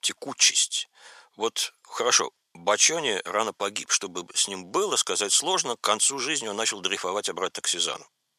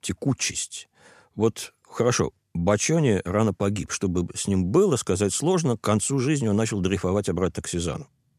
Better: second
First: thin; very; fading below 700 Hz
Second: none

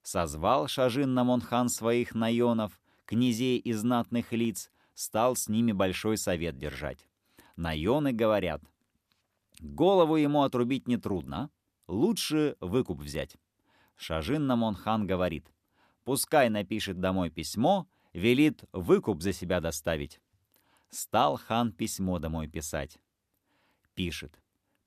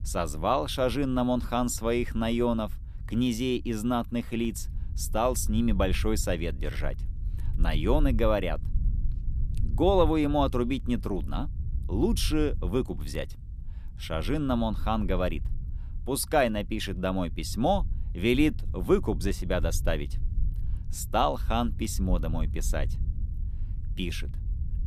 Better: first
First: none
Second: low rumble; faint; throughout; 25 dB below the speech

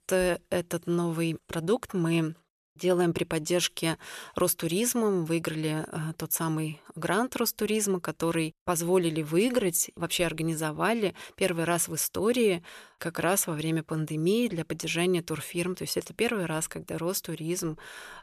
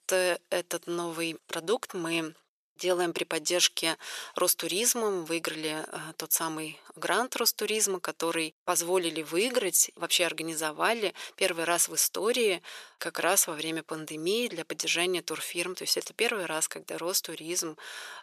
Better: first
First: none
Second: thin; somewhat; fading below 400 Hz

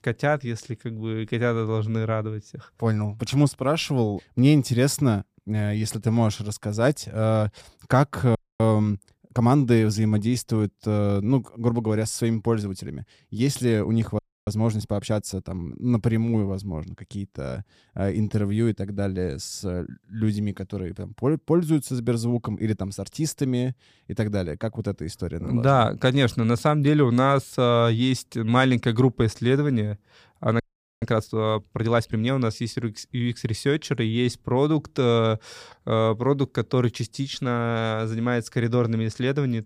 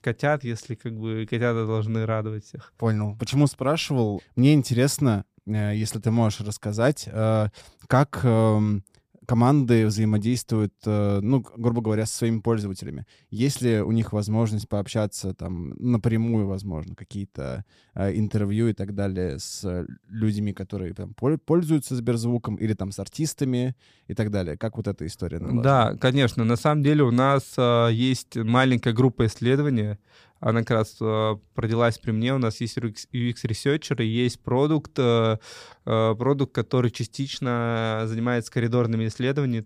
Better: second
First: audio freezing; at 8.5 s, at 14 s and at 31 s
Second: none

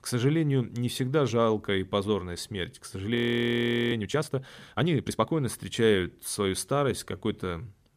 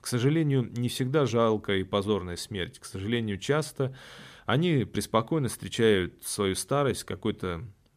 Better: second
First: audio freezing; at 3 s for 1 s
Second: none

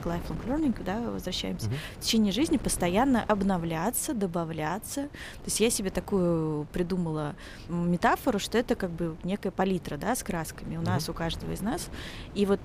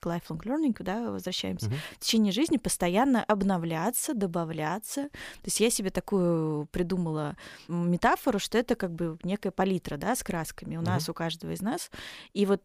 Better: second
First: wind noise on the microphone; occasional gusts; 20 dB below the speech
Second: none

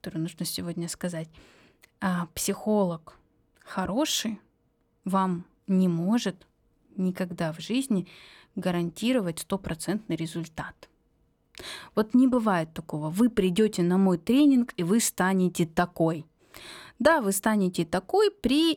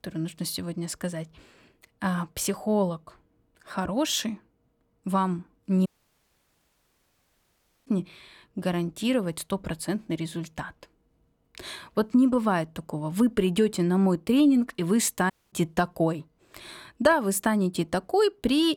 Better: first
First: none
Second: audio cutting out; at 6 s for 2 s and at 15 s

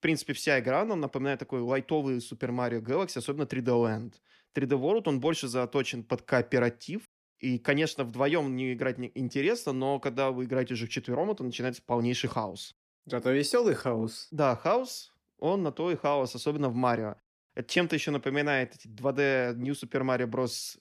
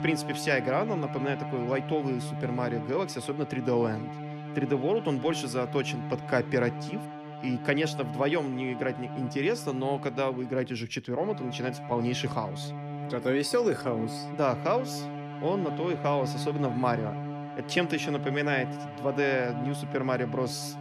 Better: first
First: none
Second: background music; loud; throughout; 7 dB below the speech

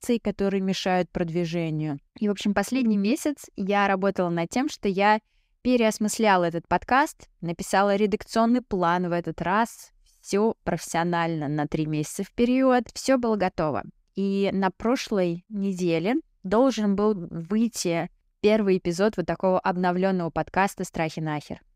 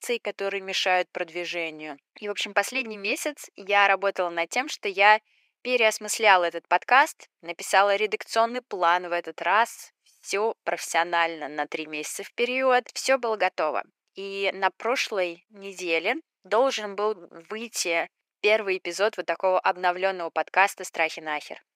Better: first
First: none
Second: thin; very; fading below 500 Hz

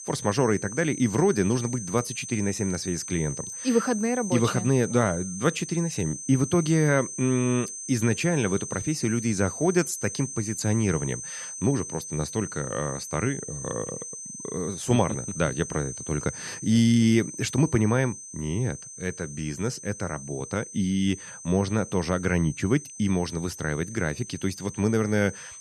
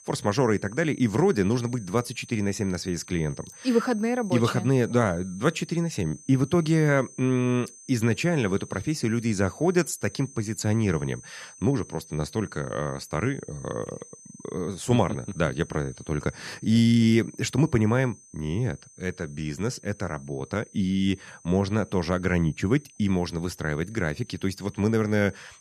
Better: second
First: high-pitched whine; loud; throughout; 6 kHz, 9 dB below the speech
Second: high-pitched whine; faint; throughout; 6 kHz, 20 dB below the speech

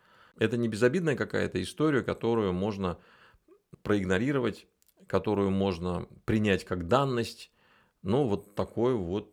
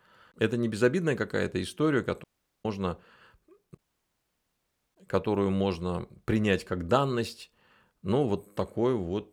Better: first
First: none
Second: audio cutting out; at 2 s and at 4 s for 1 s

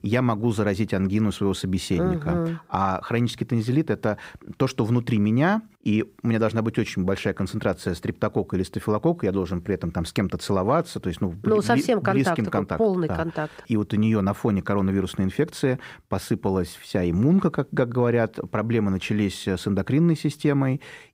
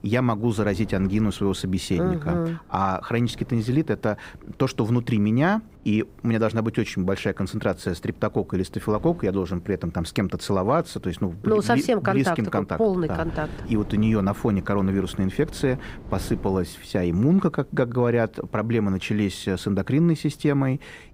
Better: first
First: none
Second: wind noise on the microphone; occasional gusts; 25 dB below the speech

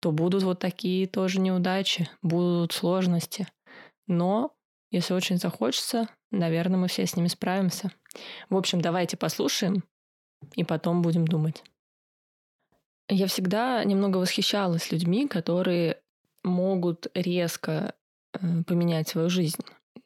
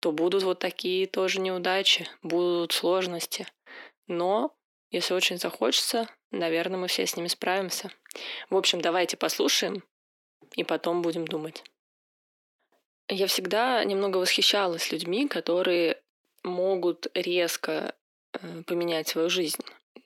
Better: first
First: none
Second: thin; somewhat; fading below 300 Hz

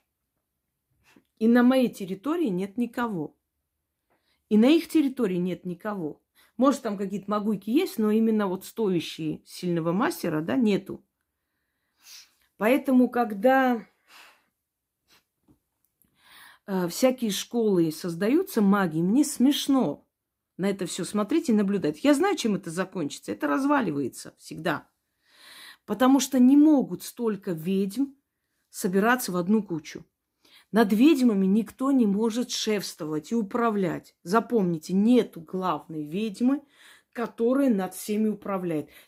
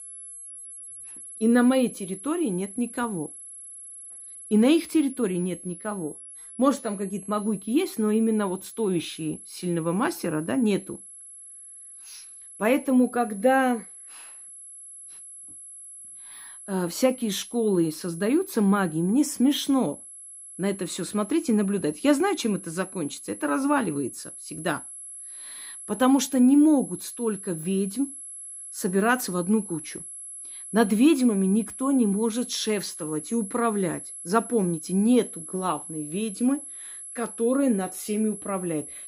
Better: first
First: none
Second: high-pitched whine; noticeable; throughout; 11 kHz, 15 dB below the speech

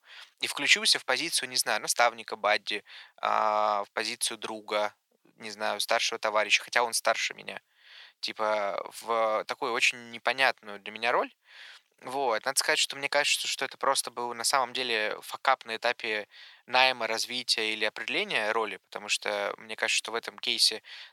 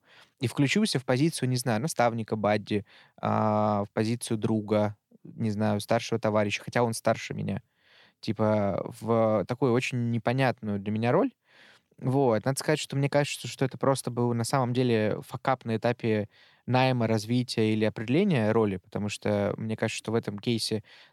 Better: second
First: thin; very; fading below 900 Hz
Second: none

